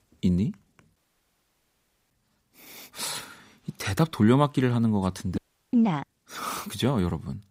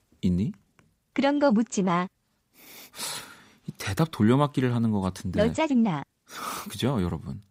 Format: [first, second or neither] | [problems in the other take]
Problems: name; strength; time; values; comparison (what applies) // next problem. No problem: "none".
second | audio cutting out; at 1 s for 1 s and at 5.5 s